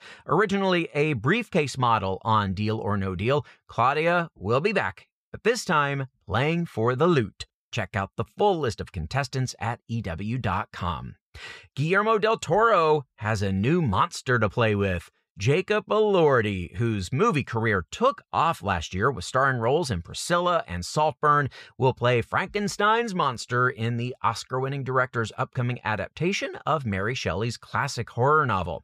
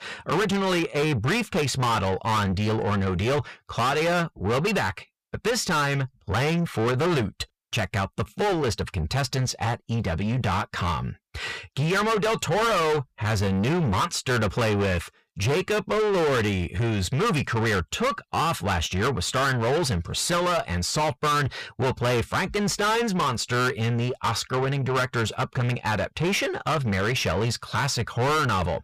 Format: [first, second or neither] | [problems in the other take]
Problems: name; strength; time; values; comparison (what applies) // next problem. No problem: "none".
first | distortion; heavy; 6 dB below the speech